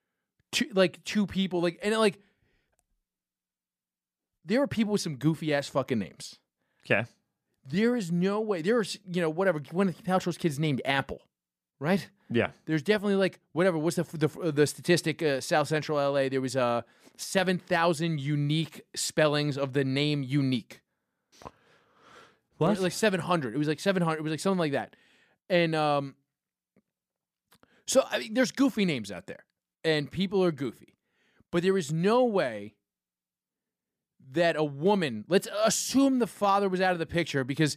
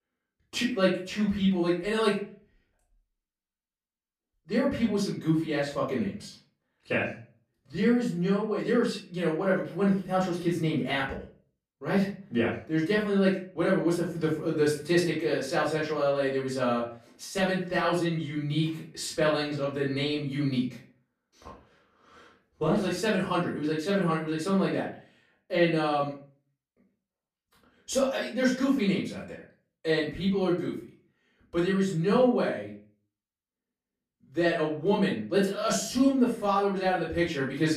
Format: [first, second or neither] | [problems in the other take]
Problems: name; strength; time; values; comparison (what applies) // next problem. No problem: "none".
first | off-mic speech; far // room echo; slight; dies away in 0.4 s